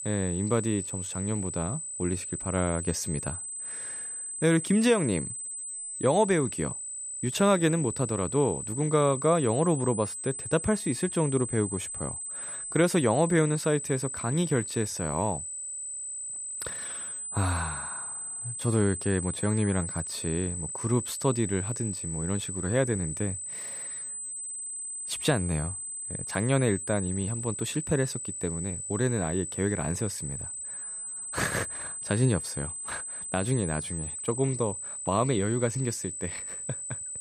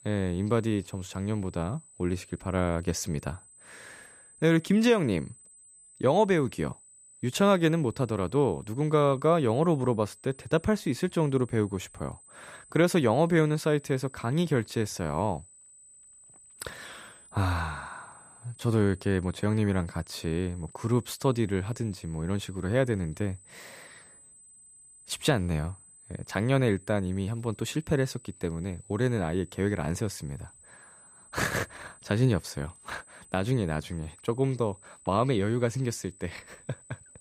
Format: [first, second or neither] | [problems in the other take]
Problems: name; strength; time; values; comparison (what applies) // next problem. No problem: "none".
second | high-pitched whine; loud; throughout; 8 kHz, 5 dB below the speech; faint in the second